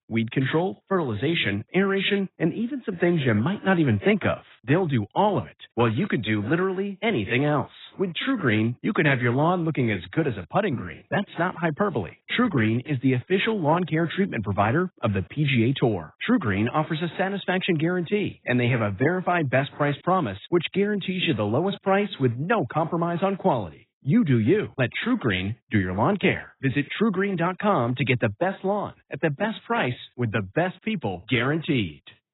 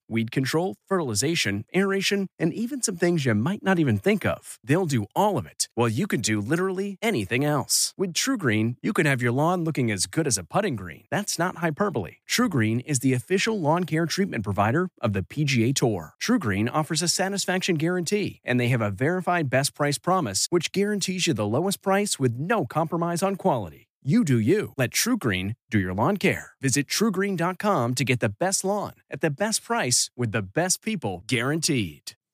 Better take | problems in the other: second | garbled, watery; badly; nothing above 4 kHz

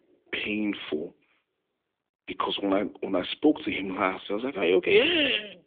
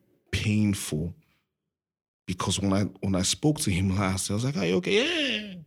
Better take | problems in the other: second | phone-call audio; nothing above 3.5 kHz

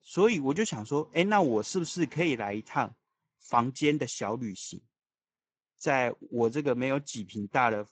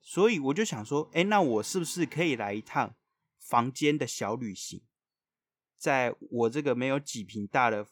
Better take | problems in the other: second | garbled, watery; badly; nothing above 7.5 kHz

